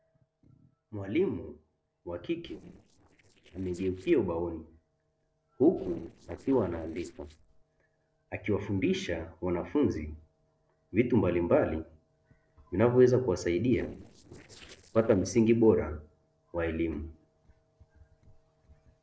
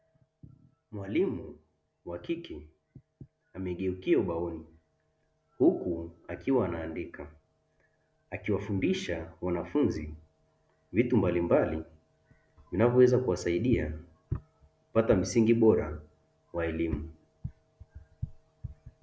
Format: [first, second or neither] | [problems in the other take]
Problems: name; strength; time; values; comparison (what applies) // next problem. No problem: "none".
second | noise reduction (neural separator model SepFormer DNS4)